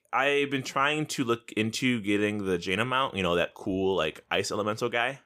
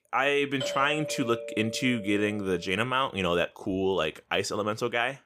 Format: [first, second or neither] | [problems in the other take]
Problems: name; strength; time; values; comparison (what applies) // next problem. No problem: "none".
first | doorbell; noticeable; from 0.5 to 2.5 s; peak 5 dB below the speech